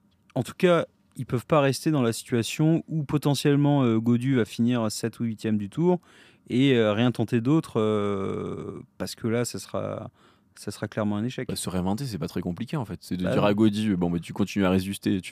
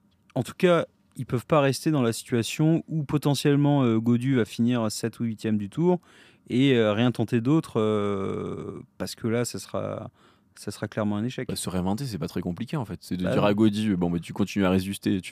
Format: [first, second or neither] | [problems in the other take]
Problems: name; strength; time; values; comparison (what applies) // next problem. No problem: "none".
neither | none